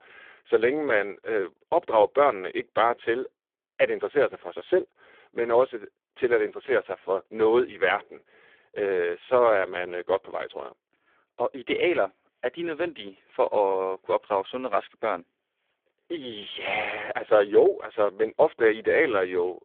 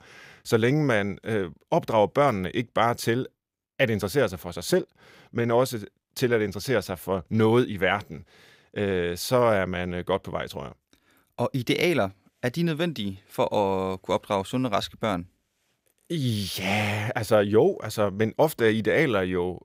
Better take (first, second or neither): second